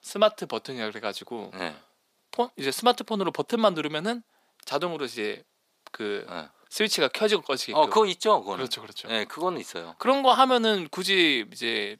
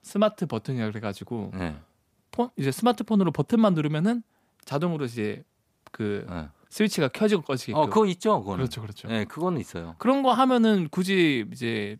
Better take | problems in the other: second | thin; somewhat; fading below 400 Hz

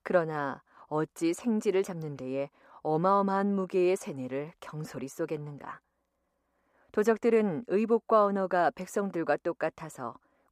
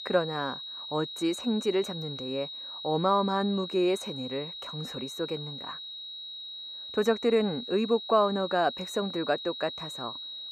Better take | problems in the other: first | high-pitched whine; loud; throughout; 4 kHz, 8 dB below the speech

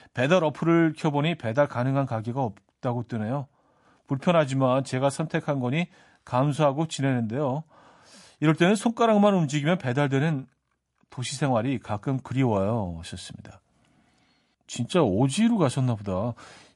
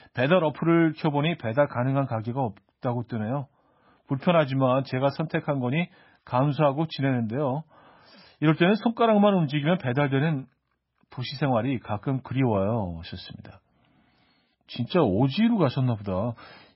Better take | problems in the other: first | garbled, watery; badly; nothing above 5.5 kHz; slightly in the first

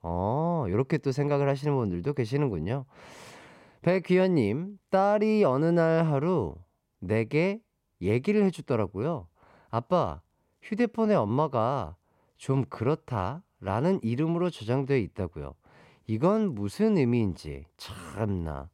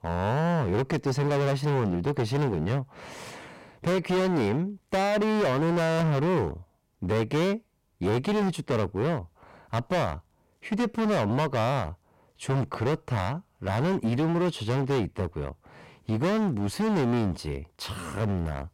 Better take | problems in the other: first | distortion; heavy; 22% of the sound clipped

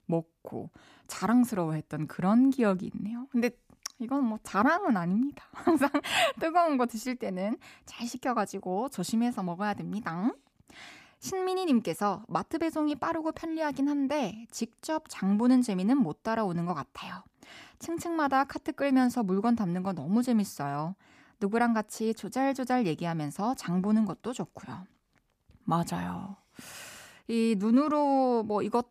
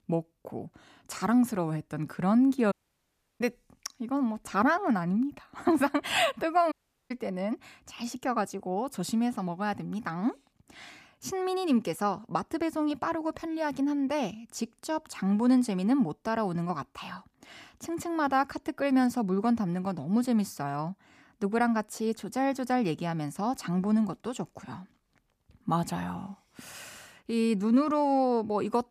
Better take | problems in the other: first | audio cutting out; at 2.5 s for 0.5 s and at 6.5 s

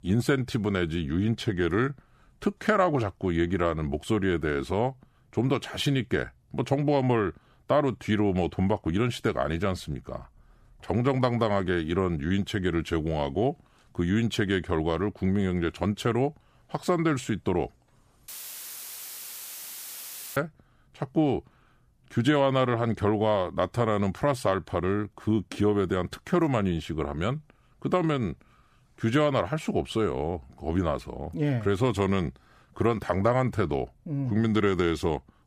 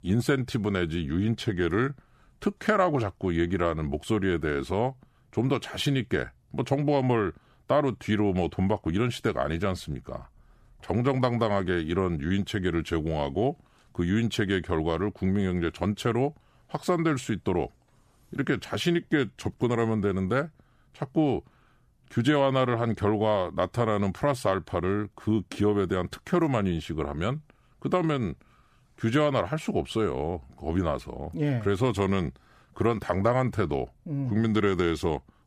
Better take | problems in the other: second | audio cutting out; filled with static; at 18 s for 2 s

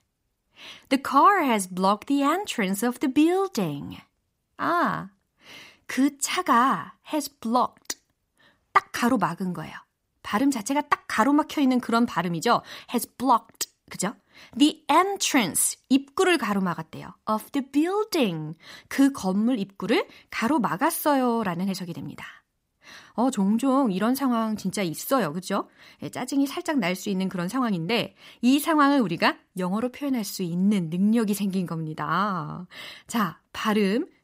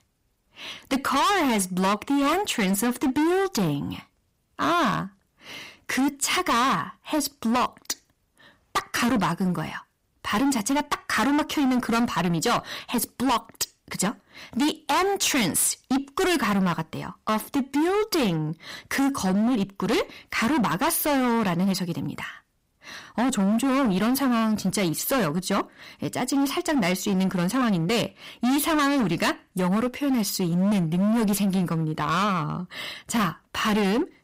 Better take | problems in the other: first | distortion; heavy; 21% of the sound clipped

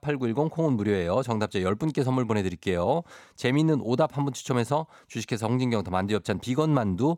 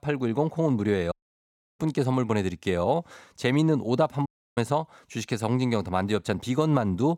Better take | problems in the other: first | audio cutting out; at 1 s for 0.5 s and at 4.5 s

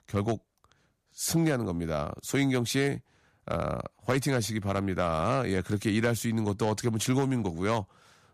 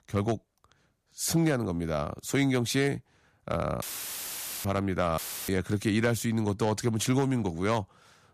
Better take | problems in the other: first | audio cutting out; filled with static; at 4 s for 1 s and at 5 s

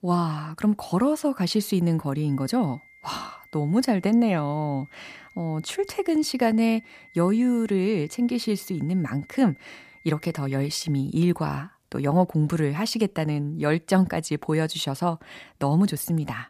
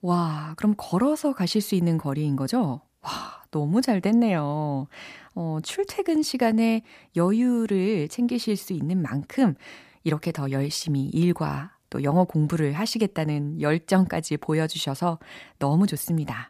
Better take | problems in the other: second | high-pitched whine; faint; from 2.5 to 11 s; 2 kHz, 25 dB below the speech

